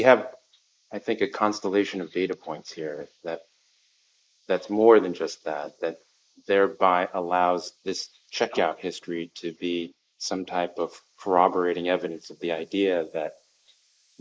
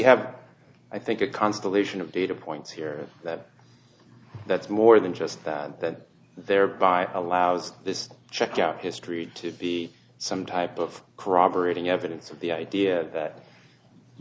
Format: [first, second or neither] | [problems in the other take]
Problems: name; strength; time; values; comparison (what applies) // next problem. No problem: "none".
second | noise reduction (neural mask model Resemble Enhance denoiser)